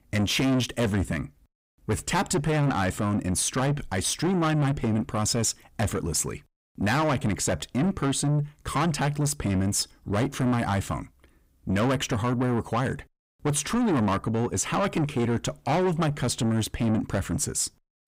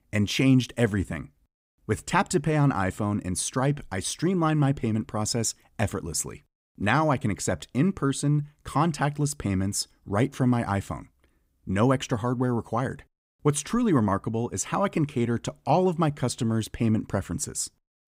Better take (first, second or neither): second